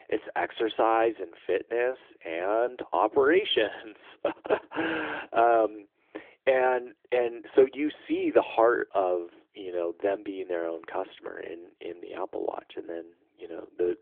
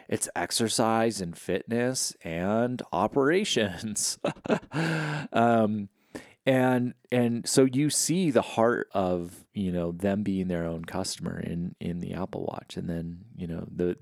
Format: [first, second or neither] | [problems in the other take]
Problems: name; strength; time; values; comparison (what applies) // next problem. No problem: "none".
second | phone-call audio; nothing above 3.5 kHz